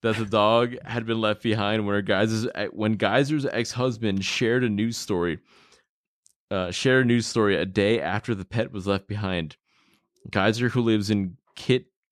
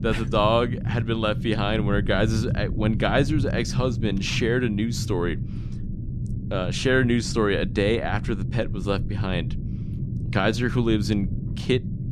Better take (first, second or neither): first